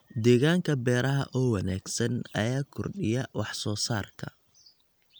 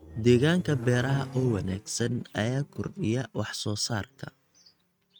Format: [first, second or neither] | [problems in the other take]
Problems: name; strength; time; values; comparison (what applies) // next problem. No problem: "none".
first | noise reduction (neural mask model RNNoise)